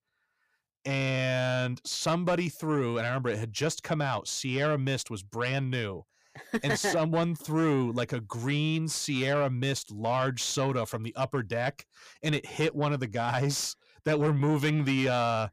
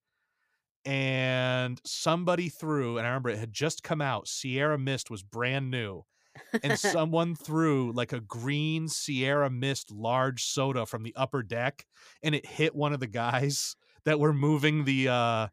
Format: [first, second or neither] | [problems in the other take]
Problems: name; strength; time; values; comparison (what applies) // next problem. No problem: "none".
second | distortion; slight; 10 dB below the speech